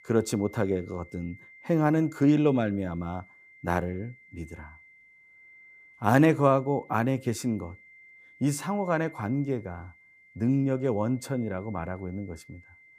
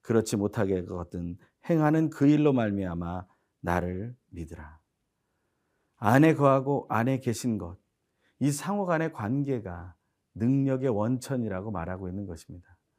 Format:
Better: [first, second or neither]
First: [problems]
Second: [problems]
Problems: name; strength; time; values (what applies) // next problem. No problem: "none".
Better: second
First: high-pitched whine; faint; throughout; 2 kHz, 25 dB below the speech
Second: none